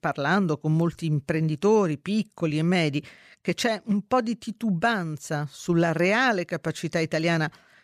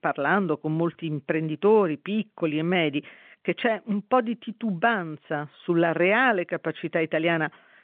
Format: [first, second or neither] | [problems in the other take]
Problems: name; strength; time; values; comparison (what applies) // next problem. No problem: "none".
first | phone-call audio